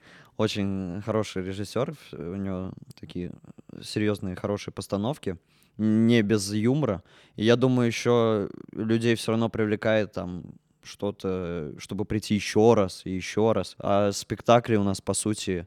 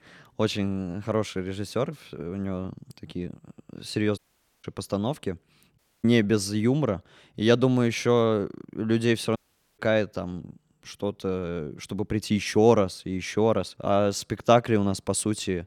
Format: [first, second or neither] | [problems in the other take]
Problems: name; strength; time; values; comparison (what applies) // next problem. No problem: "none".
first | audio cutting out; at 4 s, at 6 s and at 9.5 s